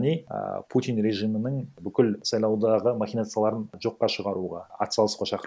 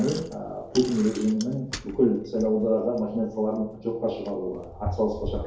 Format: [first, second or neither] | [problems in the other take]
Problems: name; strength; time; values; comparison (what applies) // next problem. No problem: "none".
first | background sound (Bicycle); 13 dB below the speech // room echo; dies away in 2.4 s